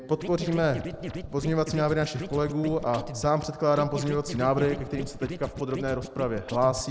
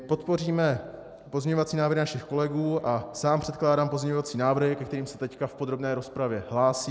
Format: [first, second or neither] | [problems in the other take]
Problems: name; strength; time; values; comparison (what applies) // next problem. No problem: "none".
second | background sound (Scratching (performance technique)); 9 dB below the speech